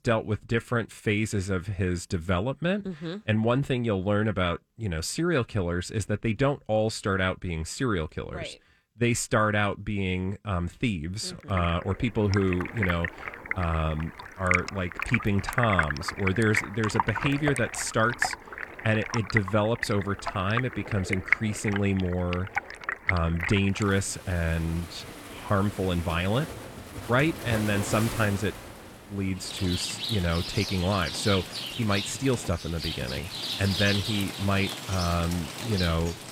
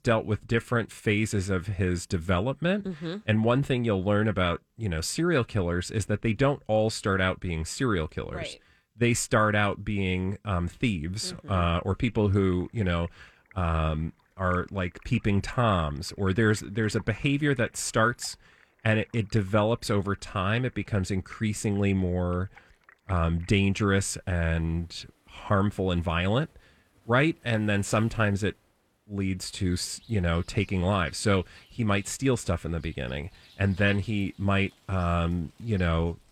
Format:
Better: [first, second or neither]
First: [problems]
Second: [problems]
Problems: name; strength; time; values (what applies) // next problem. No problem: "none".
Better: second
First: rain or running water; loud; from 12 s on; 5 dB below the speech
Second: rain or running water; faint; from 12 s on; 30 dB below the speech